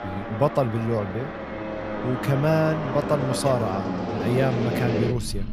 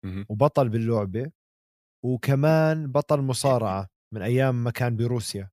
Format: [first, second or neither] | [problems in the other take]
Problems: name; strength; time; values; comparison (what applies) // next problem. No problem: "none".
second | traffic noise; loud; throughout; 4 dB below the speech